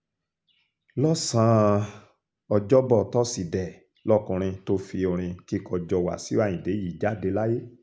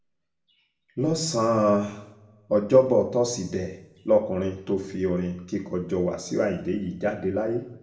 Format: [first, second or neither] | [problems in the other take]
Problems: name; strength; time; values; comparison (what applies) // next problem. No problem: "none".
first | room echo; dies away in 0.6 s